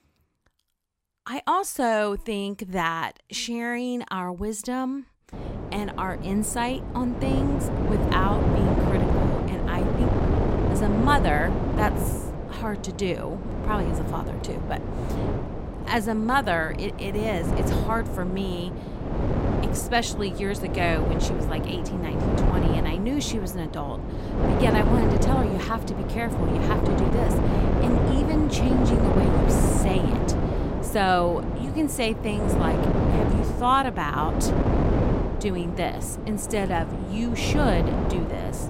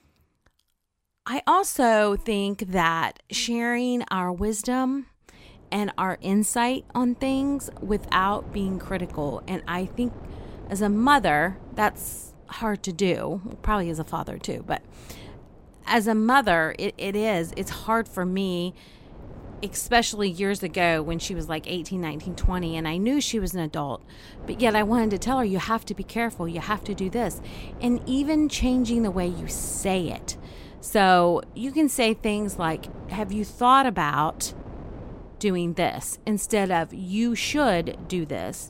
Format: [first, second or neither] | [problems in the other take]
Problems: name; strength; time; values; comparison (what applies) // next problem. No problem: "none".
second | wind noise on the microphone; heavy; from 5.5 s on; 2 dB below the speech; occasional gusts in the second